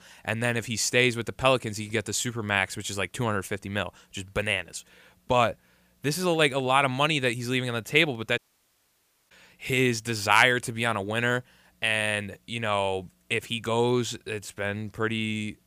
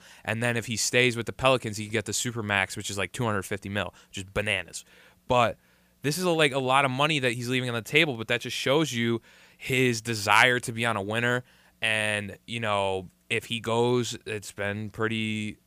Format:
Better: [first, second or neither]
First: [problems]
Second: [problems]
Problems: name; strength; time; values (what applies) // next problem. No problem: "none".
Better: second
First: audio cutting out; at 8.5 s for 1 s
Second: none